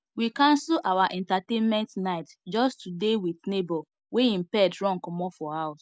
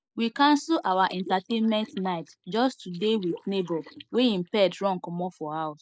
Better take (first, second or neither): first